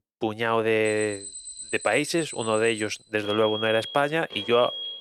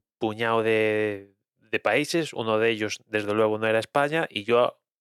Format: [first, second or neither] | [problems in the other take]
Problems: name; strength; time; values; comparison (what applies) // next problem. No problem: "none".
second | alarms or sirens; loud; throughout; 10 dB below the speech